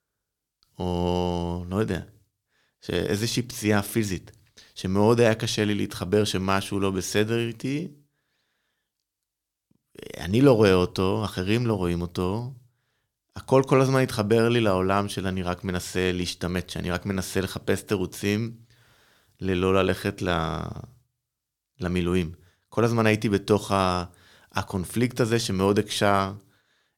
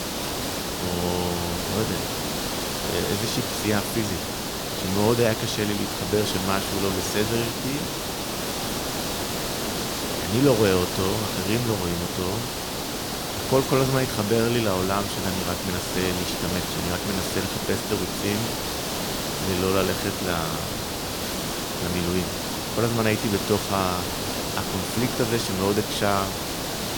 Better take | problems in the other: first | hiss; loud; throughout; 1 dB below the speech

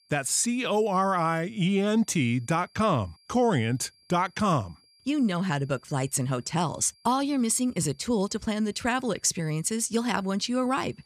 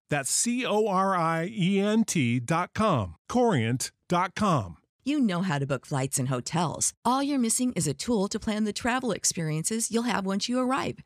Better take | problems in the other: second | high-pitched whine; faint; throughout; 4.5 kHz, 35 dB below the speech

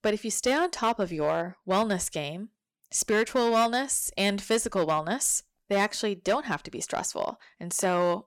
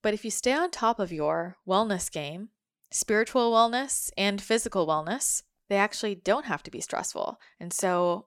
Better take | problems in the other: second | distortion; slight; 5% of the sound clipped

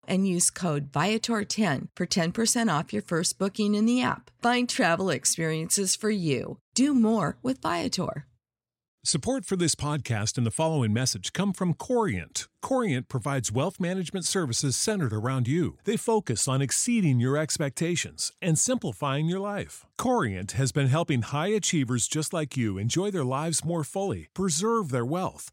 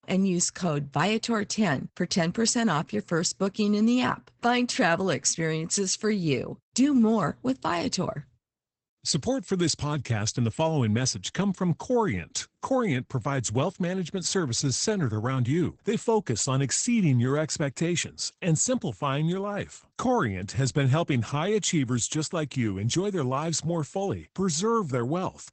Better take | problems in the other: first | garbled, watery; badly; nothing above 8 kHz

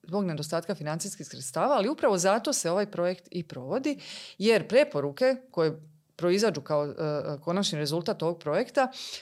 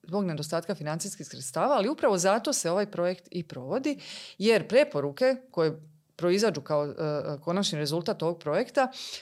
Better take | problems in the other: neither | none

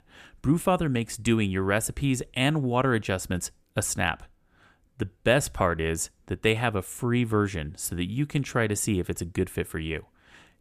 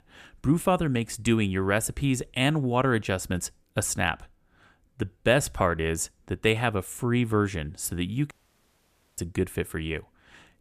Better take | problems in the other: first | audio cutting out; at 8.5 s for 1 s

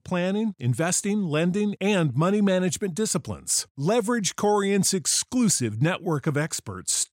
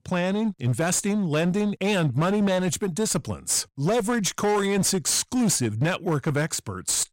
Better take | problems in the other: first | distortion; slight; 16% of the sound clipped

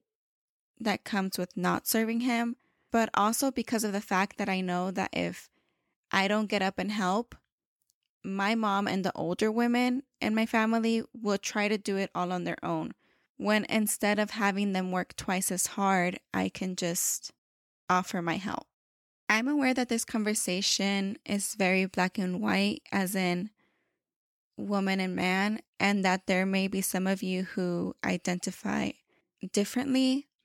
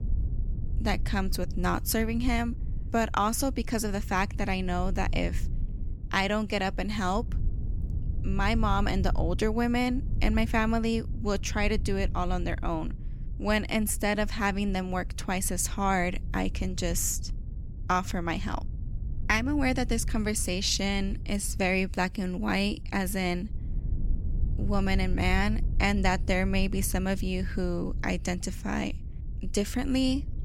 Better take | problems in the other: first | low rumble; faint; throughout; 20 dB below the speech

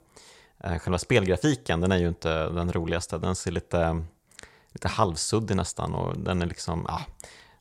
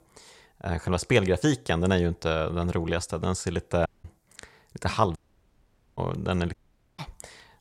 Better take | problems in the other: first | audio cutting out; at 4 s, at 5 s for 1 s and at 6.5 s

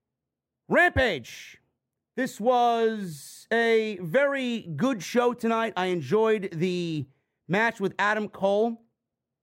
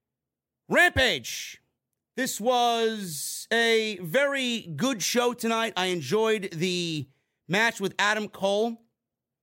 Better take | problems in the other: second | muffled; slightly; fading above 2.5 kHz

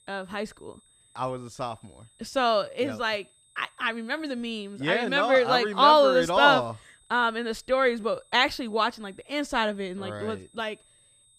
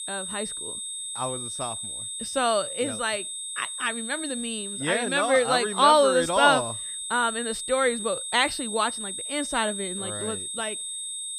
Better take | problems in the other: first | high-pitched whine; loud; throughout; 8 kHz, 6 dB below the speech; faint in the first

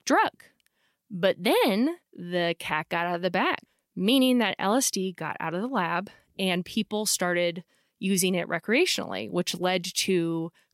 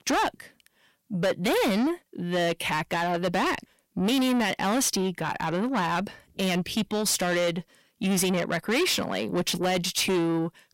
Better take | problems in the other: first | distortion; heavy; 7 dB below the speech

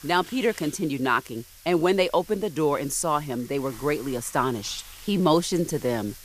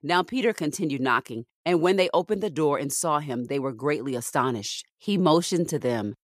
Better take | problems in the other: second | hiss; noticeable; throughout; 20 dB below the speech

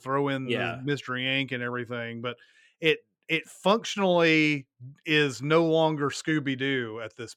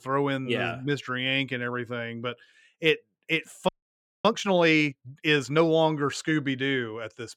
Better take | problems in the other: first | audio freezing; at 3.5 s for 0.5 s

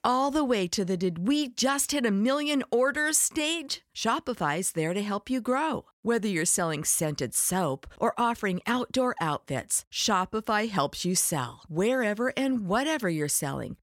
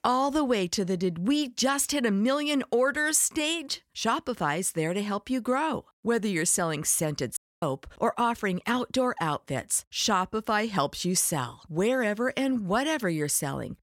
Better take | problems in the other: first | audio cutting out; at 7.5 s

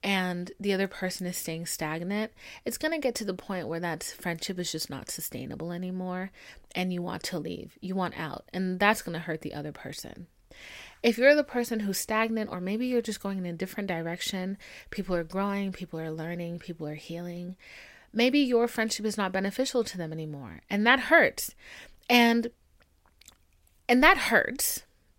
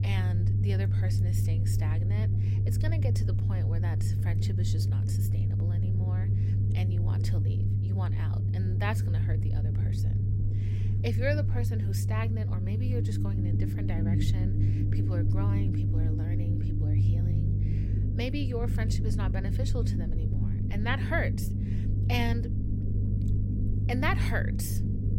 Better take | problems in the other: first | low rumble; loud; throughout; 3 dB below the speech

